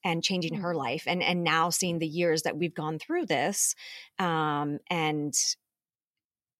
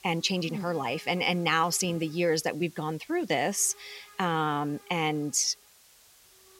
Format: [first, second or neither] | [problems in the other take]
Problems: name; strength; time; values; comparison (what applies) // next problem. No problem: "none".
first | hiss; faint; throughout; 25 dB below the speech